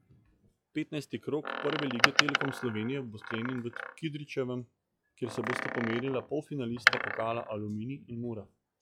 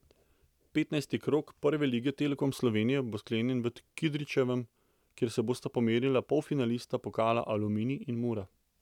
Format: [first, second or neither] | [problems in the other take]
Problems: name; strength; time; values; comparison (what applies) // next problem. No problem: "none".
second | noise reduction (classical method log-MMSE)